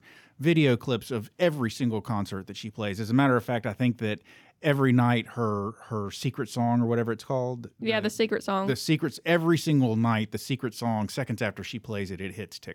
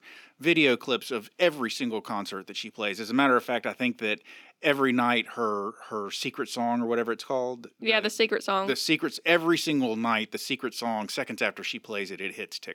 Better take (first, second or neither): first